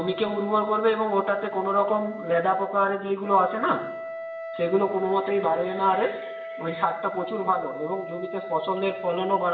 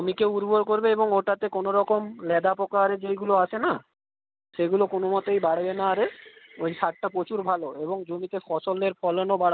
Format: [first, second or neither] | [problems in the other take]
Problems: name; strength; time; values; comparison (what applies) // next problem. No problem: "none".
second | background sound (Wind instrument, woodwind instrument); 11 dB below the speech // room echo; dies away in 0.8 s